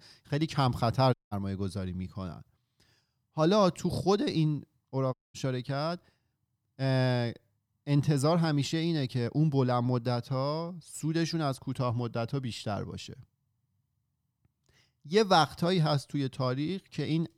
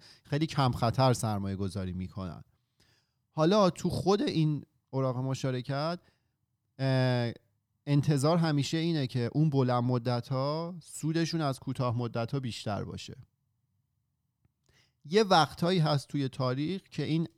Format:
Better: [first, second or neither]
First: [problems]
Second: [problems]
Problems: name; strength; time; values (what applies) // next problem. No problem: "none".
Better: second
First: audio cutting out; at 1 s and at 5 s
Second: none